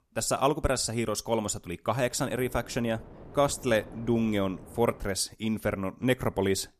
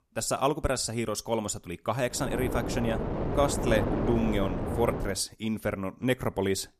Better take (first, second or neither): first